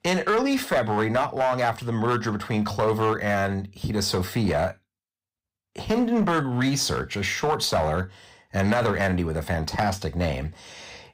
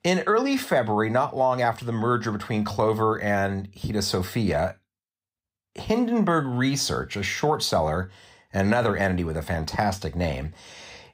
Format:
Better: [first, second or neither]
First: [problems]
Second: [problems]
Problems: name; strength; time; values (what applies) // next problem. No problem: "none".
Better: second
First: distortion; slight; 7% of the sound clipped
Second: none